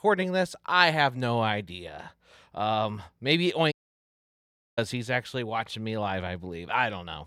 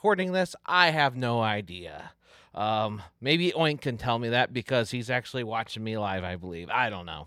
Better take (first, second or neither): second